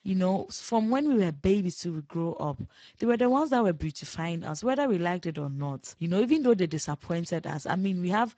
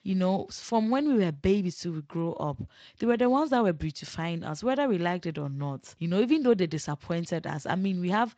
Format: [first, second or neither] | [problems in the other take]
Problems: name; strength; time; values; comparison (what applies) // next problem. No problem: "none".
second | garbled, watery; badly; nothing above 7.5 kHz; slightly in the second